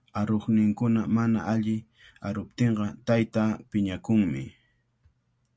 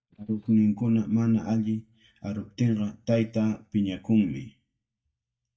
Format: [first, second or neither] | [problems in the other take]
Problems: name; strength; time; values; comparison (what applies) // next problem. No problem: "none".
first | noise reduction (neural mask model DeepFilterNet 3)